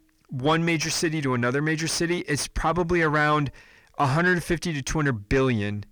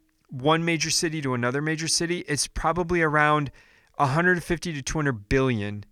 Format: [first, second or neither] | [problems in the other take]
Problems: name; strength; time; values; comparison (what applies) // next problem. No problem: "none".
second | distortion; slight; 10 dB below the speech